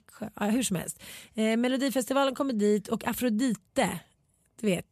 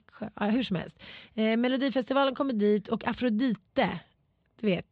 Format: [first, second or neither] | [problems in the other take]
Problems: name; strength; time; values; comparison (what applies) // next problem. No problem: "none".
first | muffled; slightly; fading above 3.5 kHz